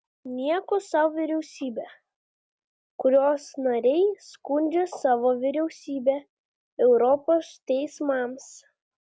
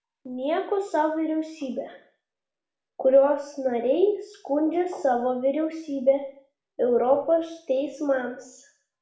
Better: first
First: none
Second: room echo; dies away in 0.5 s

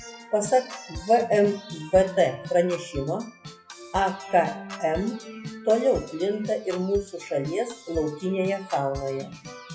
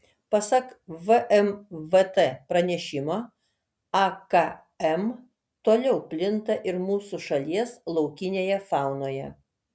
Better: second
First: noise reduction (classical method WPE with log-MMSE)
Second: none

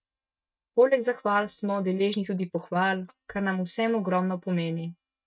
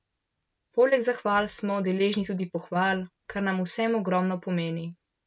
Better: second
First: noise reduction (neural mask model DeepFilterNet 3)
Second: none

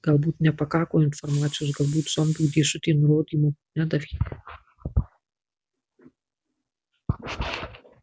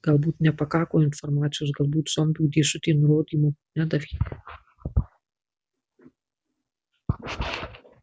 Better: second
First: background sound (Hiss); 19 dB below the speech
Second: none

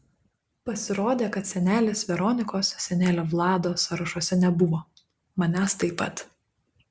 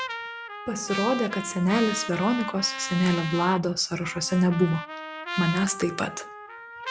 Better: first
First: none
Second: background sound (Trumpet); 9 dB below the speech

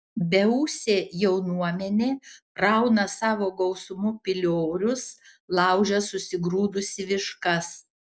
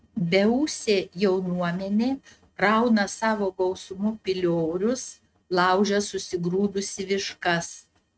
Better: first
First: none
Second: noise reduction (neural mask model RNNoise)

